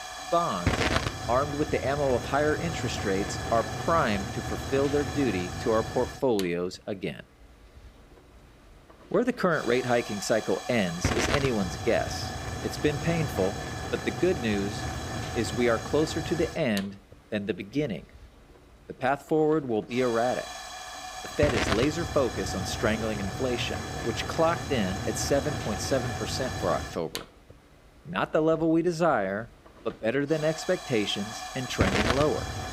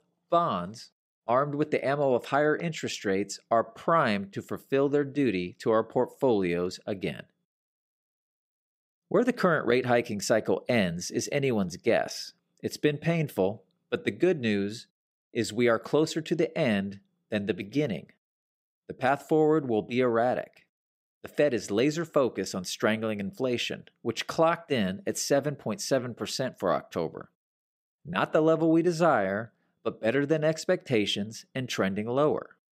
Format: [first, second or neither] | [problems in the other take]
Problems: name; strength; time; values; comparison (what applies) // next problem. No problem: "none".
second | hiss; loud; throughout; 5 dB below the speech